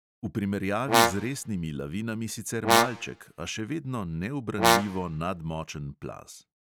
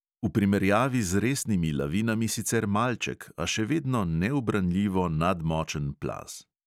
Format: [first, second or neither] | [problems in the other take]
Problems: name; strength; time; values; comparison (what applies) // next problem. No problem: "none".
second | background sound (Brass instrument); 4 dB above the speech